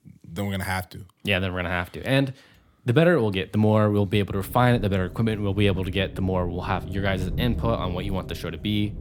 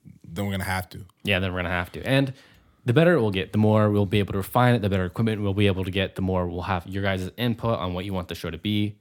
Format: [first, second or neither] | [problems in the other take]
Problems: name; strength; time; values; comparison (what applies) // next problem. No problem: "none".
second | low rumble; noticeable; from 4.5 s on; 20 dB below the speech